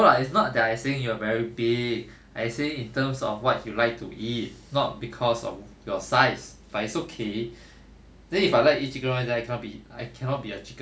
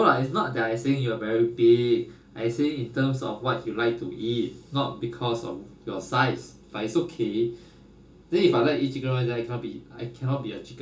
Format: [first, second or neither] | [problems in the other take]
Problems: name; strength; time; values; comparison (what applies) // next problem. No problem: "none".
first | room echo; dies away in 0.2 s